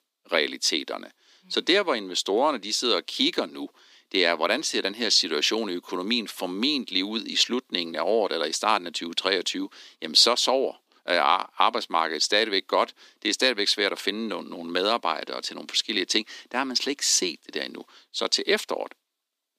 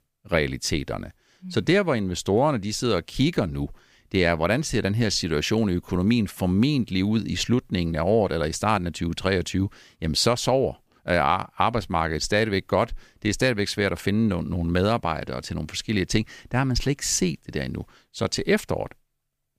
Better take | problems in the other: second | thin; somewhat; fading below 250 Hz

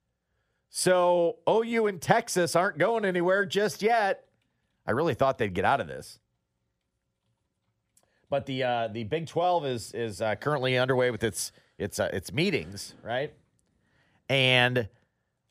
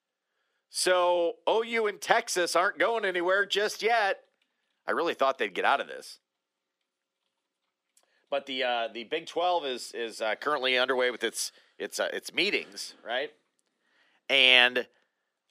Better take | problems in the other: first | thin; somewhat; fading below 250 Hz

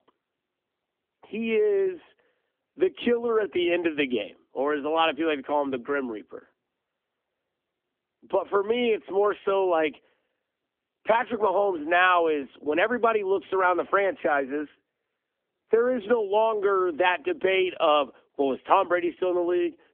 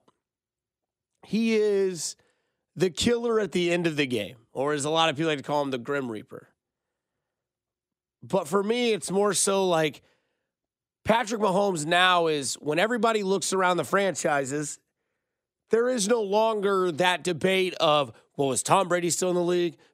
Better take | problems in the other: second | phone-call audio; nothing above 3.5 kHz

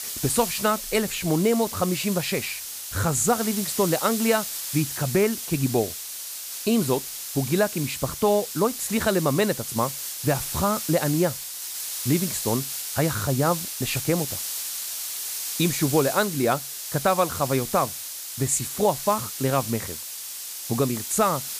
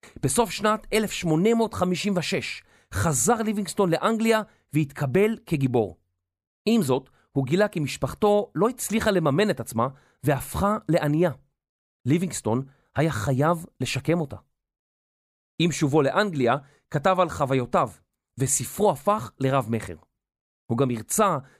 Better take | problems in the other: second | hiss; loud; throughout; 5 dB below the speech

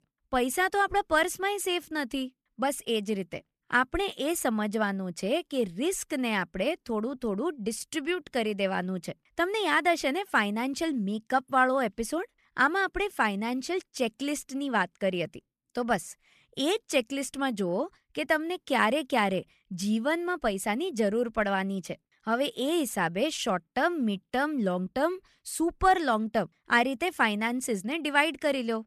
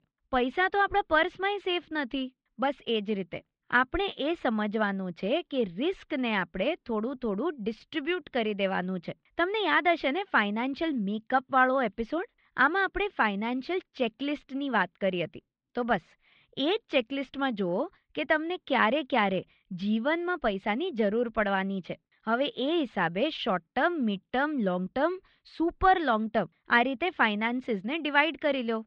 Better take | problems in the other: first | muffled; slightly; fading above 4 kHz

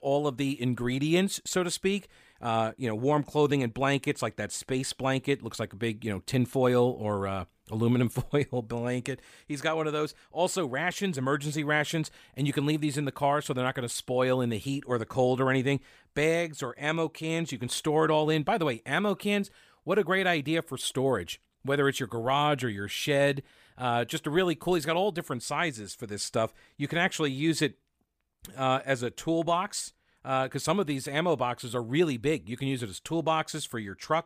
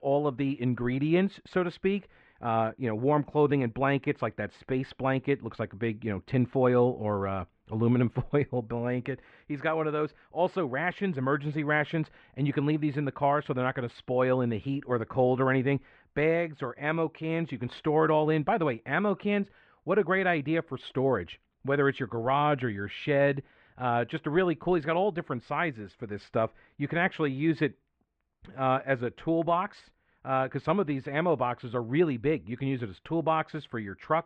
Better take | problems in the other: first | muffled; very; fading above 2.5 kHz

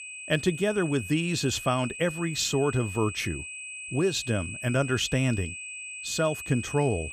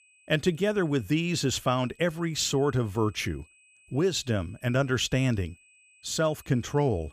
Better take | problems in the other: second | high-pitched whine; loud; throughout; 2.5 kHz, 9 dB below the speech; faint in the second

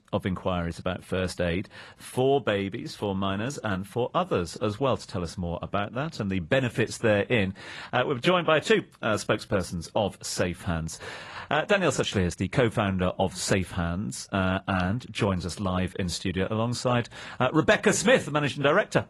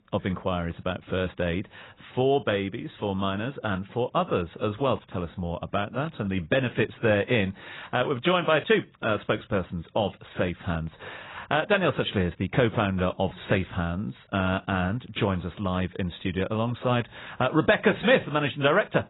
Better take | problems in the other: first | garbled, watery; badly; nothing above 4 kHz; slightly in the first

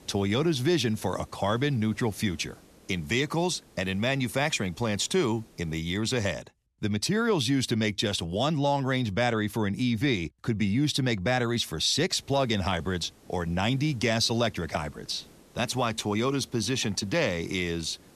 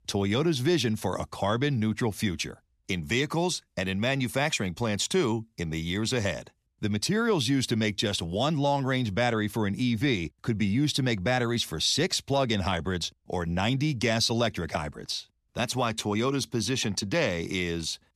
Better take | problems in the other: second | hiss; faint; until 6 s and from 12 s on; 25 dB below the speech

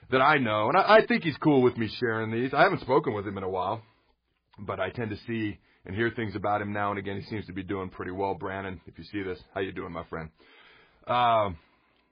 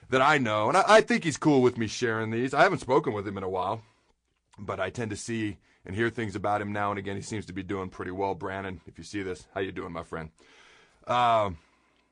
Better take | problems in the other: second | garbled, watery; badly; nothing above 5 kHz; slightly in the second

